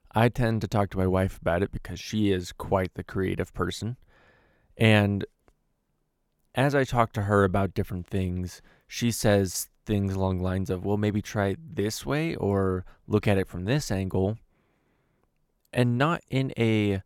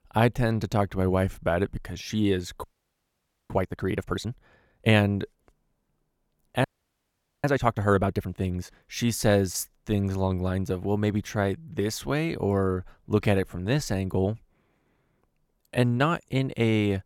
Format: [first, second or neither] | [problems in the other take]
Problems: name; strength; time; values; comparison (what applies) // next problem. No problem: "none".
first | audio freezing; at 2.5 s for 1 s and at 6.5 s for 1 s